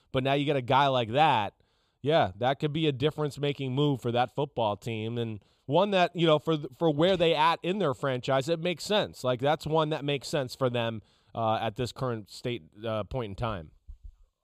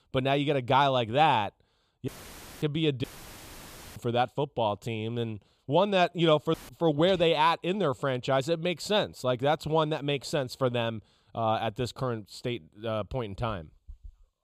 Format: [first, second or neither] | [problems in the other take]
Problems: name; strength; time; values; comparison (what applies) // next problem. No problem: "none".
first | audio cutting out; filled with static; at 2 s for 0.5 s, at 3 s for 1 s and at 6.5 s